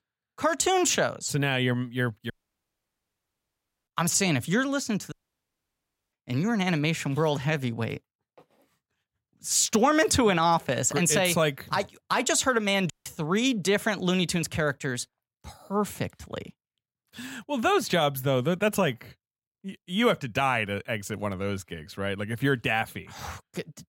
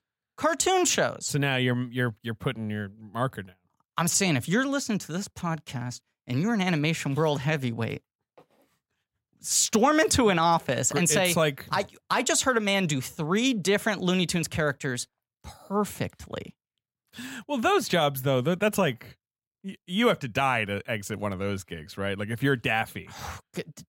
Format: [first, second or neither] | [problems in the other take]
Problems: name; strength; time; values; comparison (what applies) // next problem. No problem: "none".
second | audio cutting out; at 2.5 s for 1.5 s, at 5 s for 1 s and at 13 s